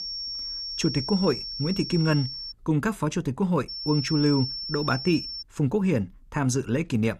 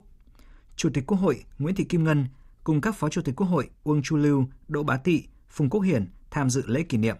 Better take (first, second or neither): second